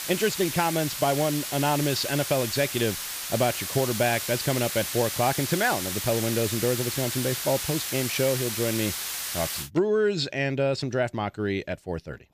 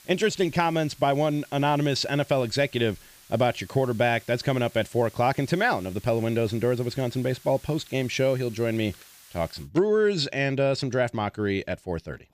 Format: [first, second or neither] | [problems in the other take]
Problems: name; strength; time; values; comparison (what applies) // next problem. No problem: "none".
second | hiss; loud; until 9.5 s; 3 dB below the speech; faint in the second